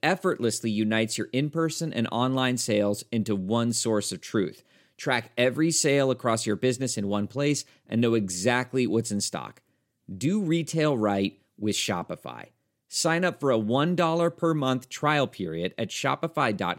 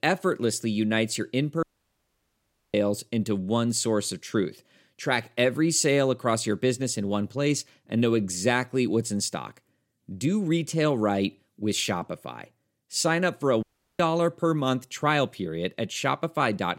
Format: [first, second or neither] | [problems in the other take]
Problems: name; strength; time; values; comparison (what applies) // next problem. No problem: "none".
first | audio cutting out; at 1.5 s for 1 s and at 14 s